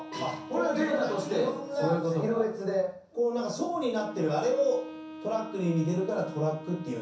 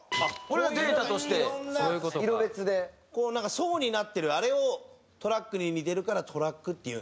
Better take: second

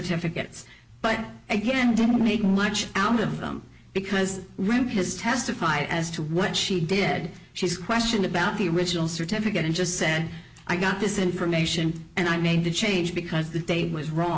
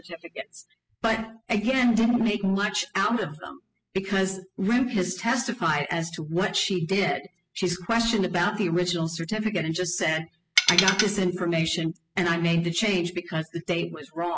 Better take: first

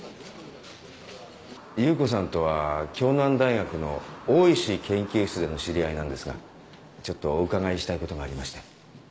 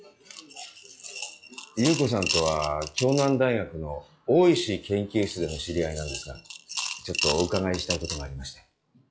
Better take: first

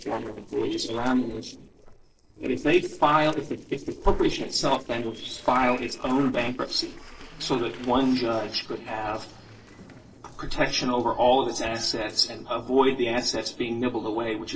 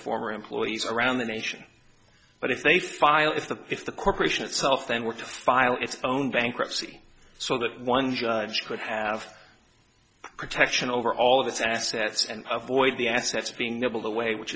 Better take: second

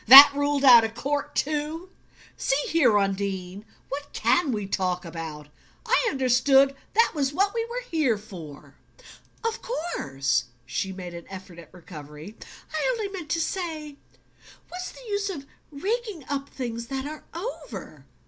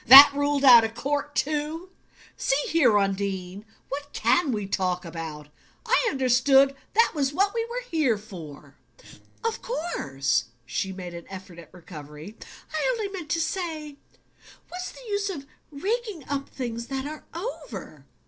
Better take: first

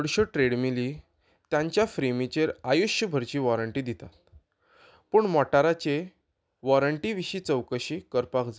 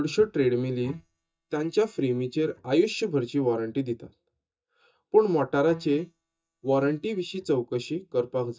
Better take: first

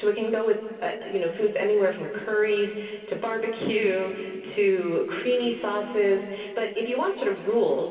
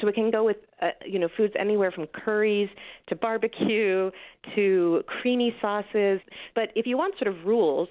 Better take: second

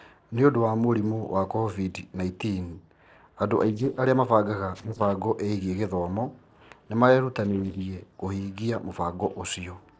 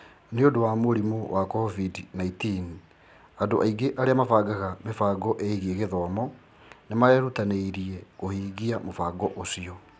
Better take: second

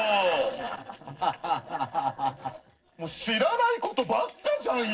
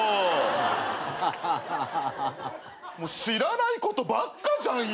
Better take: second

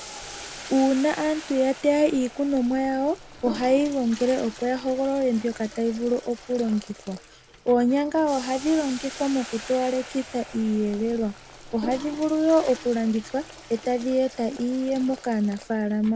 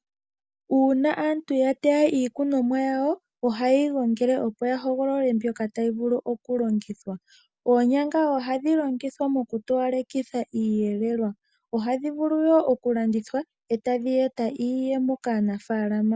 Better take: second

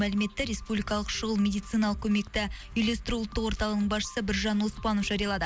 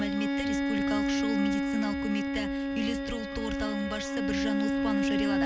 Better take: first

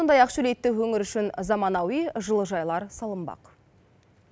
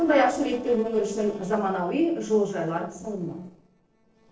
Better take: first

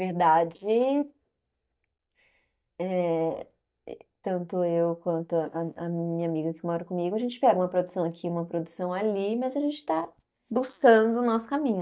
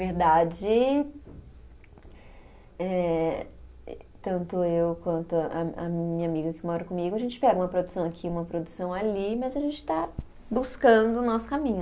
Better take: second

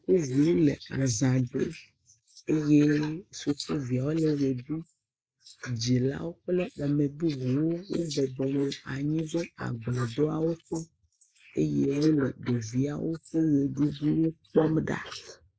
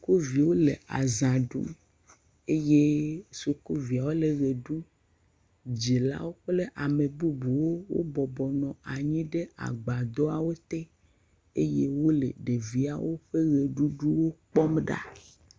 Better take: second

